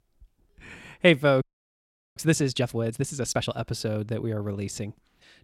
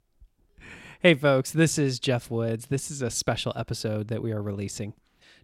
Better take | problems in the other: second | audio freezing; at 1.5 s for 0.5 s

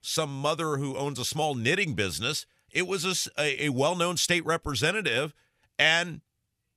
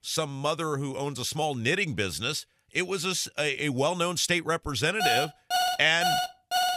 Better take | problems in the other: first | alarm; loud; from 5 s on; peak 1 dB above the speech

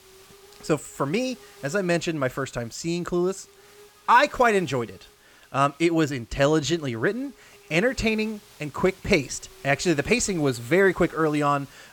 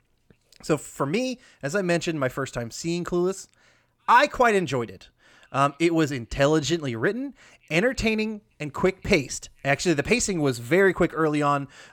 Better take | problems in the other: second | hiss; faint; throughout; 25 dB below the speech

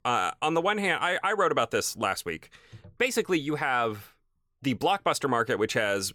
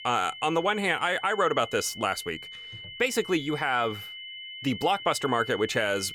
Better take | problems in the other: first | high-pitched whine; noticeable; throughout; 3 kHz, 10 dB below the speech

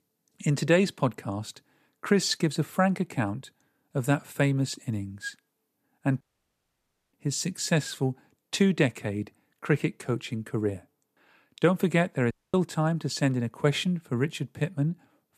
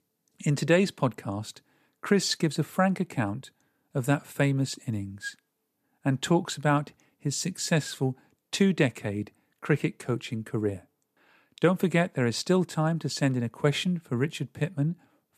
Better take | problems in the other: second | audio cutting out; at 6 s for 1 s and at 12 s

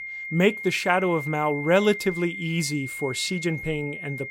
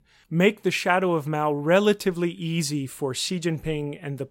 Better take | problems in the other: second | high-pitched whine; loud; throughout; 2 kHz, 8 dB below the speech

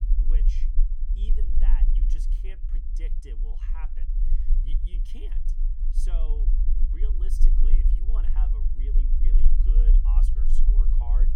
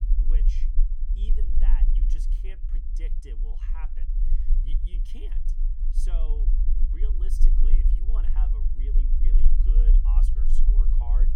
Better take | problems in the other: neither | low rumble; loud; throughout; 1 dB below the speech; the same in both

